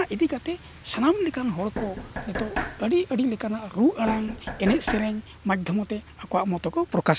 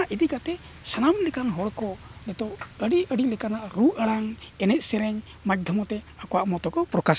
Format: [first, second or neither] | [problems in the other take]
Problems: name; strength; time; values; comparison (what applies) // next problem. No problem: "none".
second | background sound (Knock); 8 dB below the speech